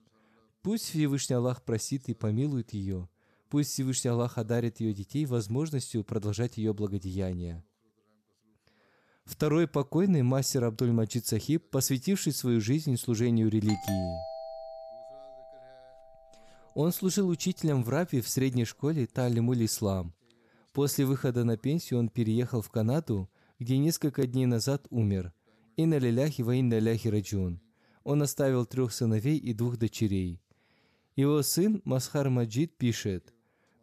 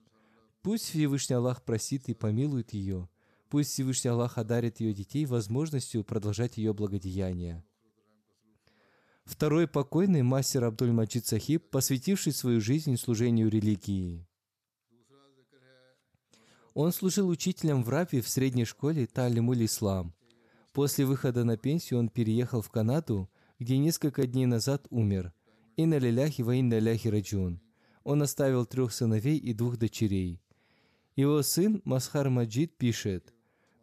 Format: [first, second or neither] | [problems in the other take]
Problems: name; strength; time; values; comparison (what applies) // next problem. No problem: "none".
second | doorbell; noticeable; from 14 to 16 s; peak 7 dB below the speech